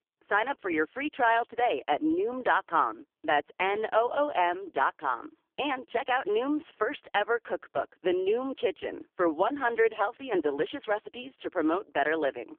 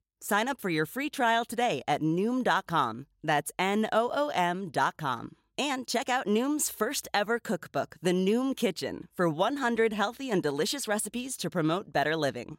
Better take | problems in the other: second | phone-call audio; poor line; nothing above 3.5 kHz

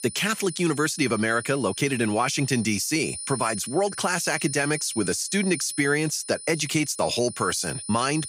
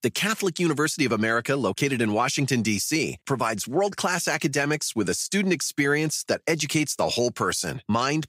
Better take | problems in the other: second | high-pitched whine; loud; throughout; 9.5 kHz, 9 dB below the speech

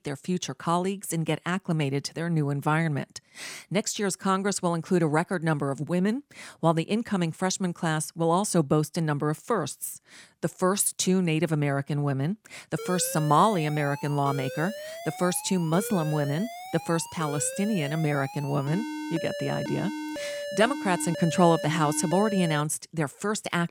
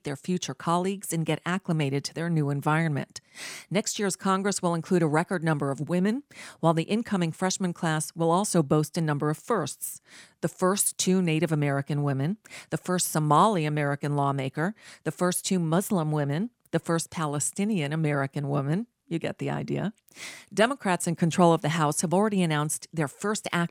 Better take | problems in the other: second | alarm; noticeable; from 13 to 23 s; peak 7 dB below the speech

